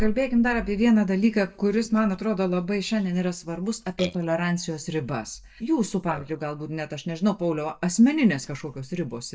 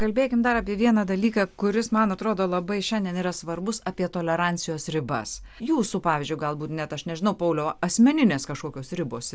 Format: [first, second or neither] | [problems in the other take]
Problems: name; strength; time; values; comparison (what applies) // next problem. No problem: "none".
second | noise reduction (neural mask model DeepFilterNet 3)